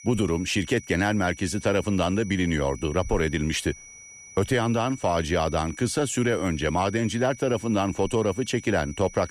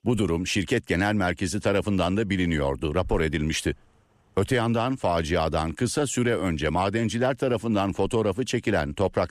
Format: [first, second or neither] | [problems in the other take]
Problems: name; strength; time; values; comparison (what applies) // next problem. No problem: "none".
second | high-pitched whine; noticeable; throughout; 6 kHz, 20 dB below the speech